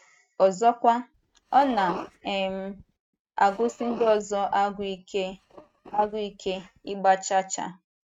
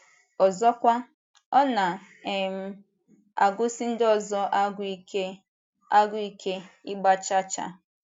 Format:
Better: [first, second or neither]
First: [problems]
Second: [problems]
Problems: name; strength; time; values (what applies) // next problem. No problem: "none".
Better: second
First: noise reduction (neural mask model RNNoise)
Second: none